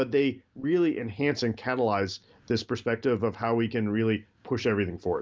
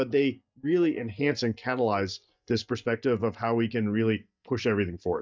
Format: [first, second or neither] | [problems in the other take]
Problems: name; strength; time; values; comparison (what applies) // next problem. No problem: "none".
first | noise reduction (neural mask model DeepFilterNet 3)